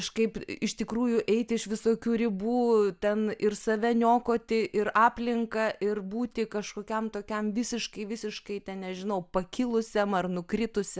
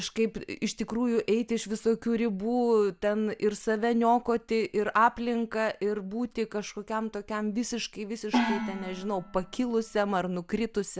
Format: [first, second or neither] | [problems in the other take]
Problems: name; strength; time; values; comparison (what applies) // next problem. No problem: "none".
first | background sound (Gong); 5 dB below the speech